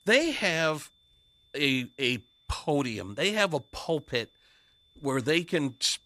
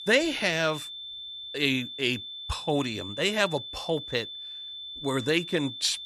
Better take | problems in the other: first | high-pitched whine; loud; throughout; 3.5 kHz, 9 dB below the speech; faint in the first

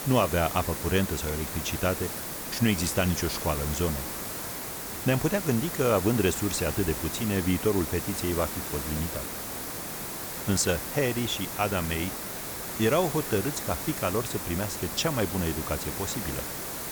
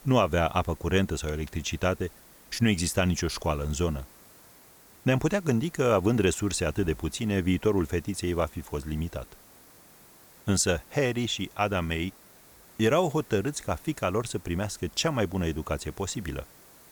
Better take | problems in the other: second | hiss; loud; throughout; 4 dB below the speech; faint in the second

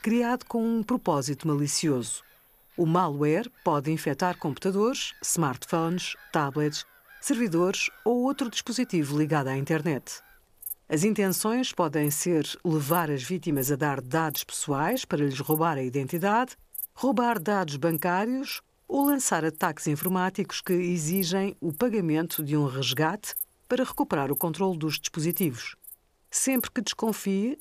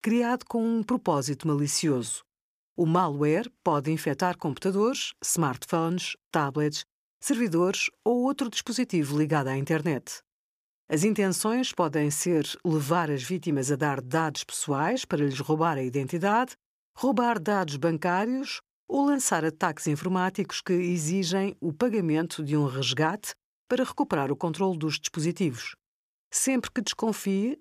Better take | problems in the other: second | animal sounds; noticeable; throughout; 10 dB below the speech

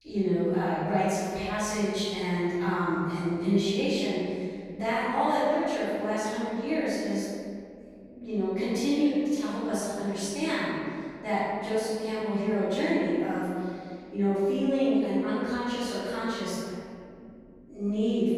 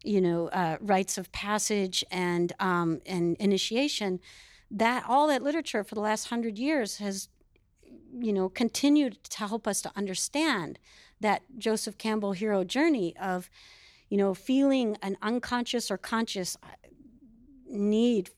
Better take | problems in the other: second | off-mic speech; far // room echo; strong; dies away in 2.5 s

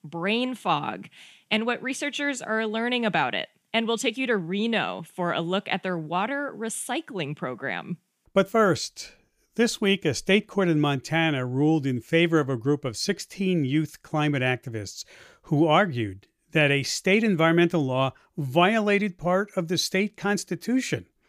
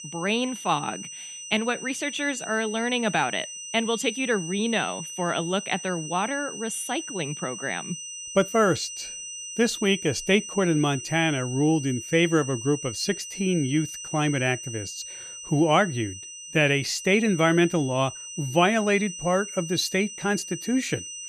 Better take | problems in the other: first | high-pitched whine; loud; throughout; 6 kHz, 10 dB below the speech

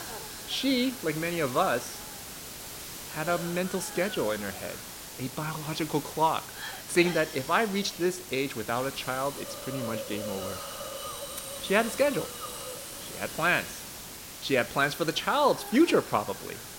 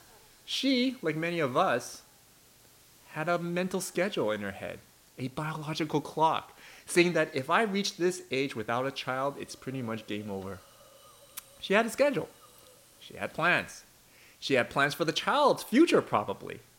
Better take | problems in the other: second | hiss; loud; throughout; 10 dB below the speech; faint in the second

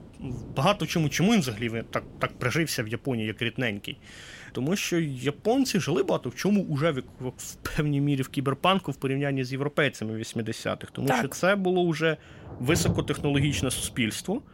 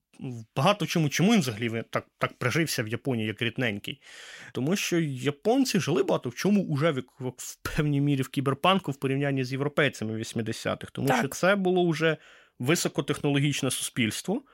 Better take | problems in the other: second | rain or running water; noticeable; throughout; 15 dB below the speech

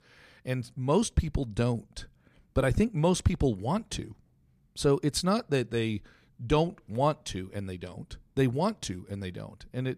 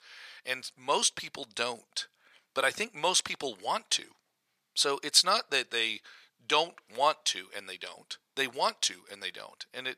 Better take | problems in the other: first | thin; very; fading below 850 Hz

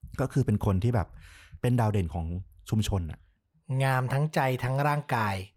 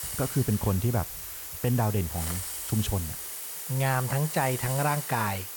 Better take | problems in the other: first | hiss; loud; throughout; 5 dB below the speech

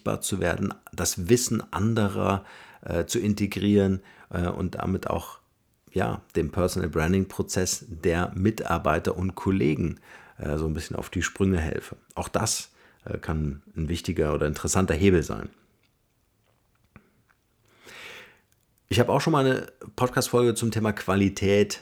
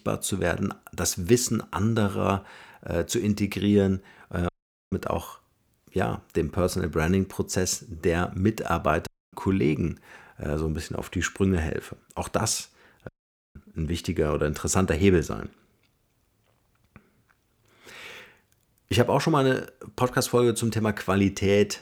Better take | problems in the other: first | audio cutting out; at 4.5 s, at 9 s and at 13 s

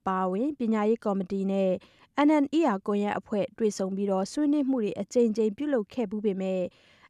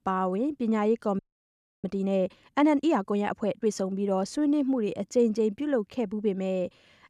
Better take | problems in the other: first | audio freezing; at 1 s for 0.5 s

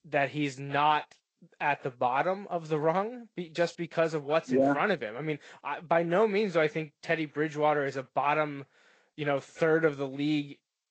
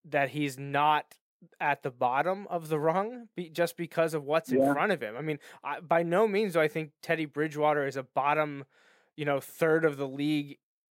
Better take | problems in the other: second | garbled, watery; slightly; nothing above 7.5 kHz

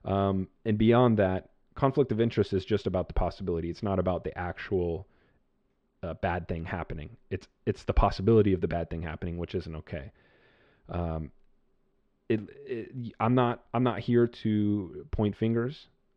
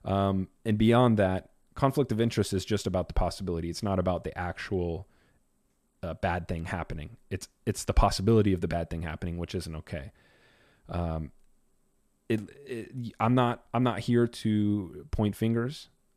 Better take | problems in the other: second | muffled; slightly; fading above 3.5 kHz

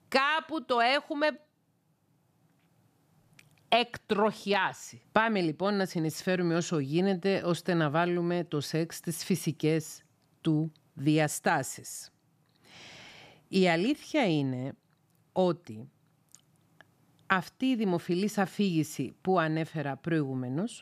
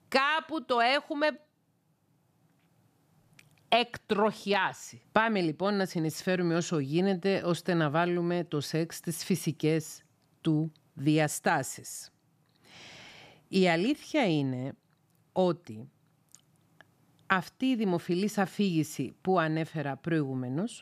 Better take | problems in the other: neither | none

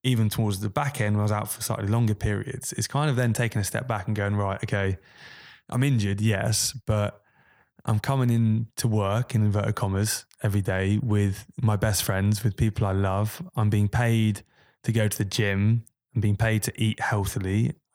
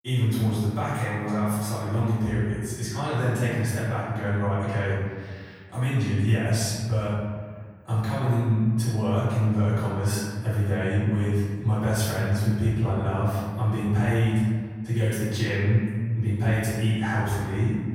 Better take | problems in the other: first | off-mic speech; far // room echo; strong; dies away in 1.6 s

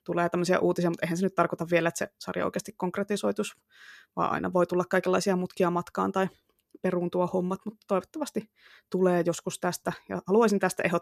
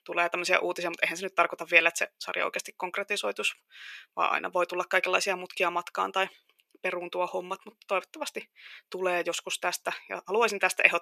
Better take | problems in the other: first | thin; very; fading below 550 Hz

